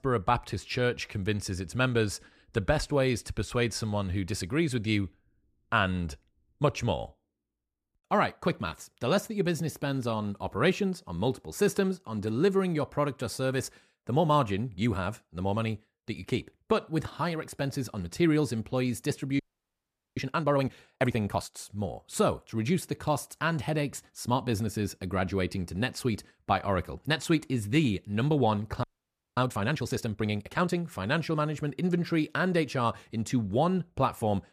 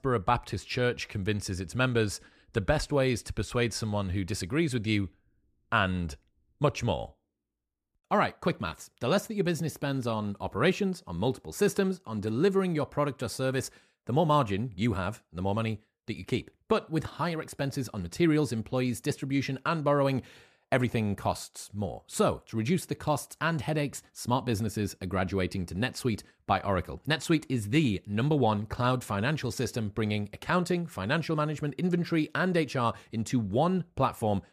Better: second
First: audio freezing; at 19 s for 1 s and at 29 s for 0.5 s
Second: none

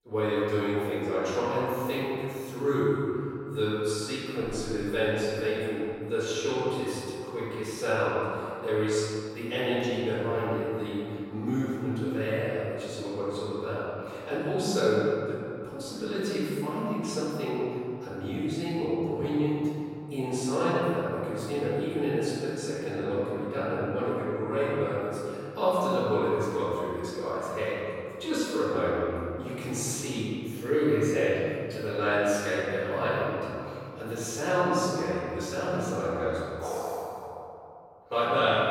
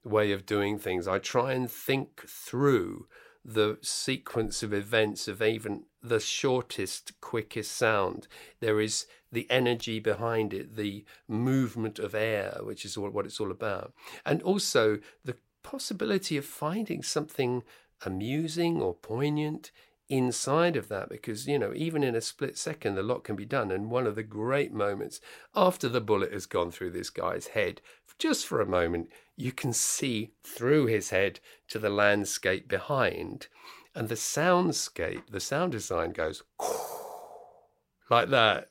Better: second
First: room echo; strong; dies away in 2.7 s // off-mic speech; far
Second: none

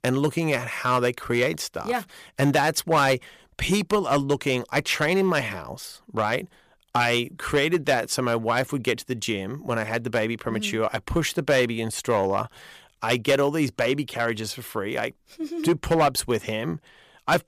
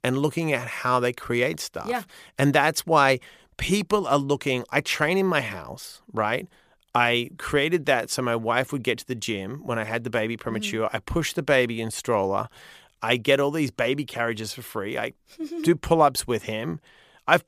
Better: second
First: distortion; slight; 3% of the sound clipped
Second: none

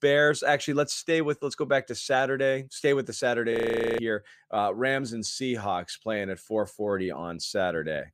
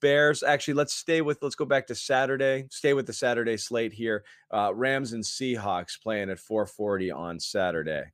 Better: second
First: audio freezing; at 3.5 s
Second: none

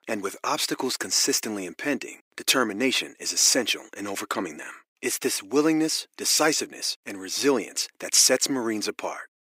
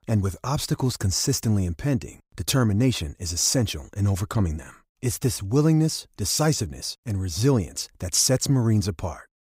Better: second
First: thin; somewhat; fading below 300 Hz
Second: none

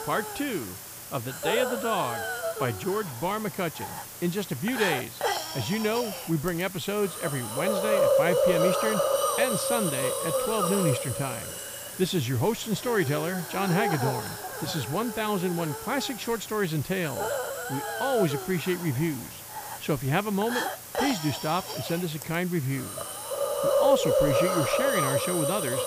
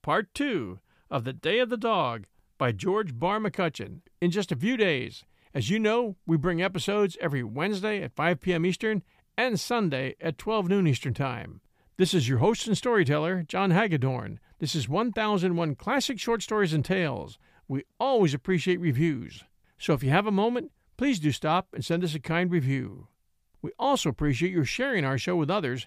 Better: second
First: hiss; loud; throughout; as loud as the speech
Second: none

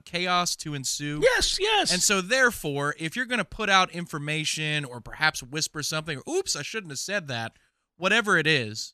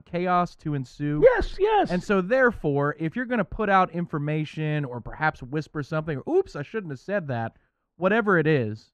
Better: first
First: none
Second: muffled; very; fading above 2.5 kHz

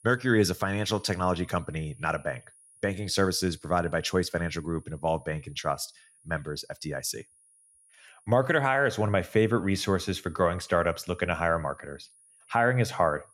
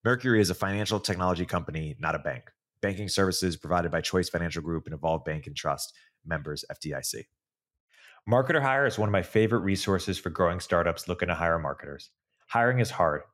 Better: second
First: high-pitched whine; faint; throughout; 10.5 kHz, 30 dB below the speech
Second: none

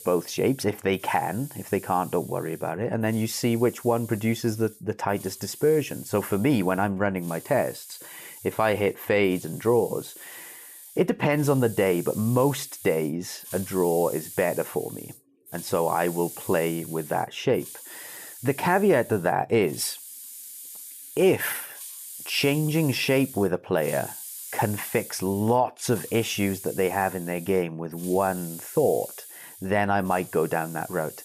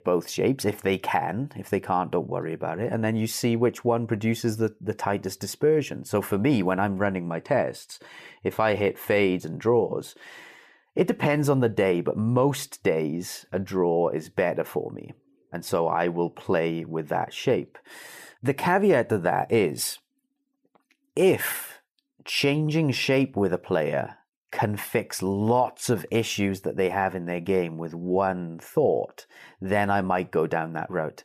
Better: second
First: hiss; noticeable; throughout; 15 dB below the speech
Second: none

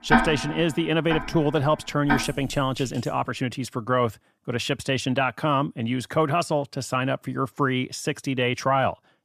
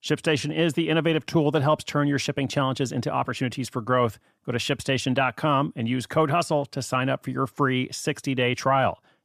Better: second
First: household noises; loud; until 3 s; 4 dB below the speech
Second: none

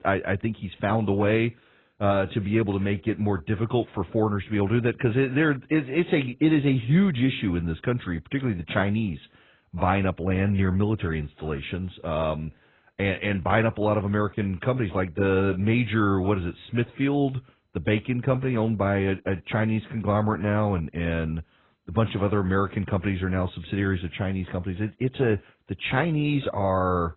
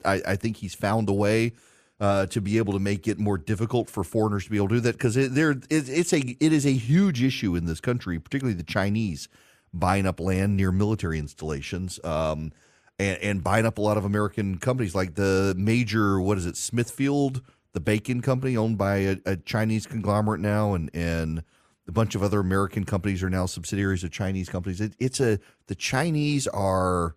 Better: second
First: garbled, watery; badly; nothing above 4 kHz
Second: none

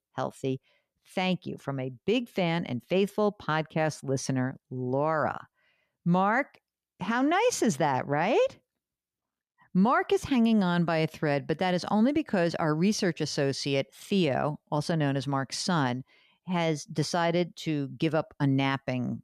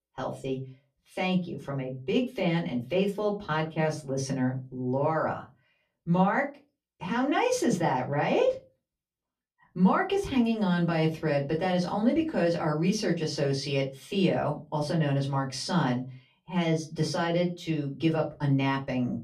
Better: first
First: none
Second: off-mic speech; far // room echo; very slight; dies away in 0.2 s

